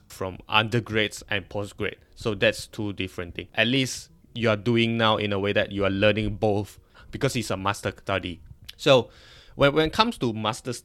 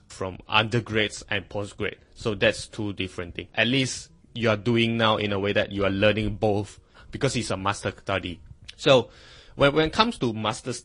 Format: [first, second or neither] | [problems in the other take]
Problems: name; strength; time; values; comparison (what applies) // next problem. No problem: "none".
first | garbled, watery; slightly; nothing above 10 kHz